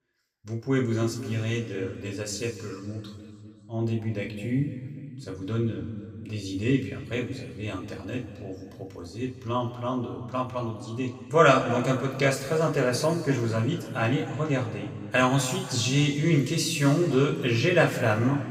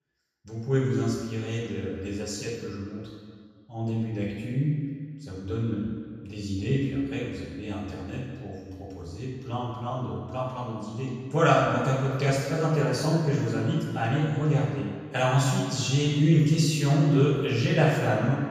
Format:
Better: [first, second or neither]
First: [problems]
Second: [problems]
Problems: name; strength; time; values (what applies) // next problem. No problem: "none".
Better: first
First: room echo; slight; dies away in 2 s // off-mic speech; somewhat distant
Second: room echo; strong; dies away in 1.7 s // off-mic speech; far